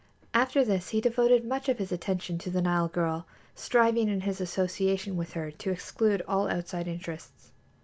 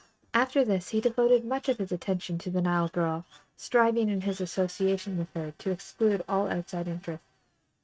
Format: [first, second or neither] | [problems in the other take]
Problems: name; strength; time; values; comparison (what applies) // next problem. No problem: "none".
first | noise reduction (neural mask model RNNoise)